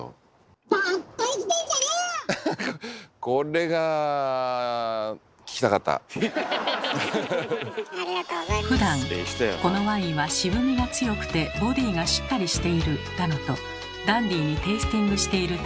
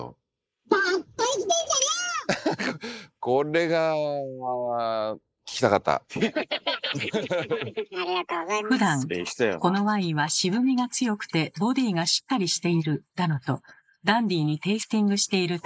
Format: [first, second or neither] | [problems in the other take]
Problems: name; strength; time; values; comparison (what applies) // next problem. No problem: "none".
first | noise reduction (neural mask model Resemble Enhance denoiser)